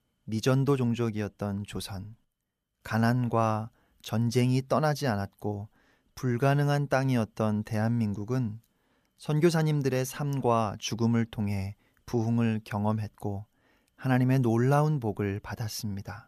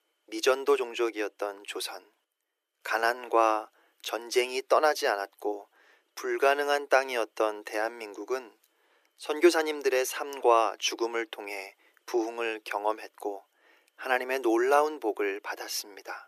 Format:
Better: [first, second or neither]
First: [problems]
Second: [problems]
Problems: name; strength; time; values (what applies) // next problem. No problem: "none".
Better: first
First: none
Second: thin; very; fading below 300 Hz